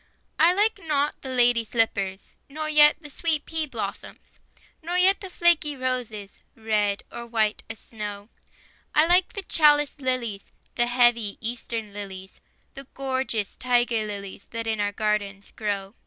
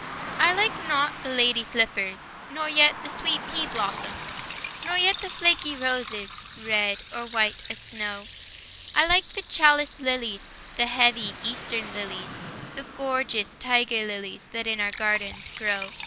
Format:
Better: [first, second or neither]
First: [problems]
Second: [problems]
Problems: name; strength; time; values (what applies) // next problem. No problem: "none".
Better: first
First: none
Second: background sound (Liquid + Car passing by / Traffic noise, roadway noise); 12 dB below the speech